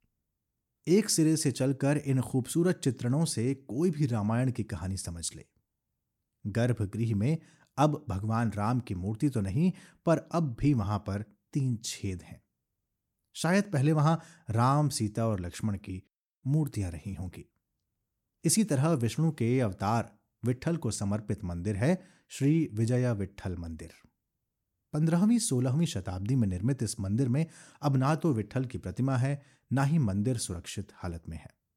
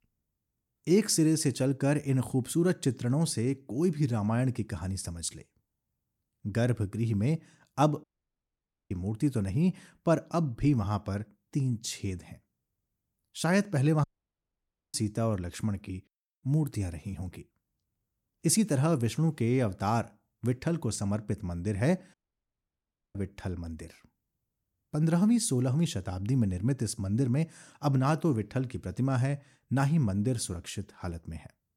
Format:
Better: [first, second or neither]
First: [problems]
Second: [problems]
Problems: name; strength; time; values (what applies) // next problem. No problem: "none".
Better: first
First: none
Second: audio cutting out; at 8 s for 1 s, at 14 s for 1 s and at 22 s for 1 s